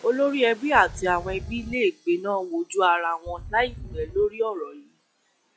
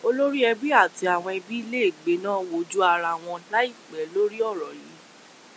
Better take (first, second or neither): second